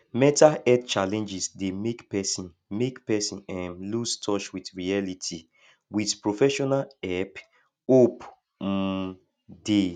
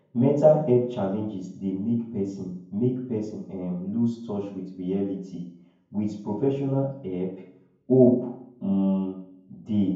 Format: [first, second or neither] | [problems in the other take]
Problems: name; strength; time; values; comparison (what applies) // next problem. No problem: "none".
first | room echo; dies away in 0.9 s